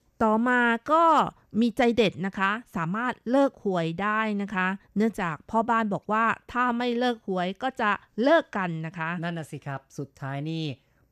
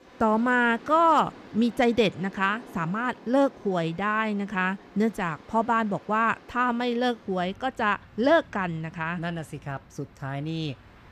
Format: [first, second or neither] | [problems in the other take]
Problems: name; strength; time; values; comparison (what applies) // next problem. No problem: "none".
first | train or aircraft noise; faint; throughout; 25 dB below the speech